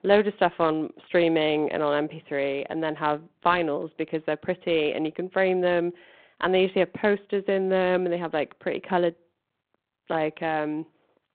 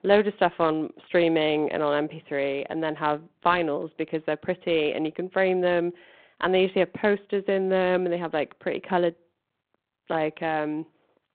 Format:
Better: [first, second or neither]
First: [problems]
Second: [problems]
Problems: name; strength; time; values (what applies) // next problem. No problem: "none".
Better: neither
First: phone-call audio; nothing above 3.5 kHz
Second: phone-call audio; nothing above 3.5 kHz